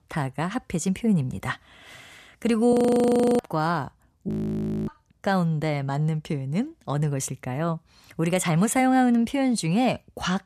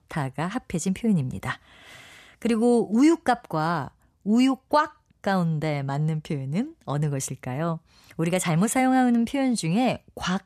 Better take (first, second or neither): second